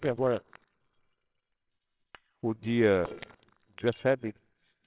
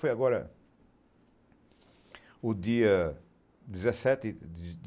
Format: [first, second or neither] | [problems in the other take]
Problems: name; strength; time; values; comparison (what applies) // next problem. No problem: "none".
second | noise reduction (neural separator model SepFormer WHAMR!)